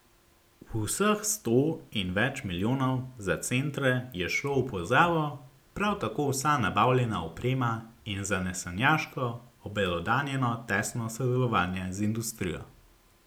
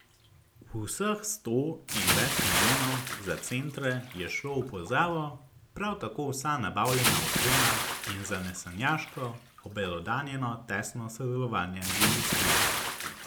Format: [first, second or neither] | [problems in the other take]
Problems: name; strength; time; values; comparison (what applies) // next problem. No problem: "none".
first | background sound (Bathtub (filling or washing) / Splash, splatter); as loud as the speech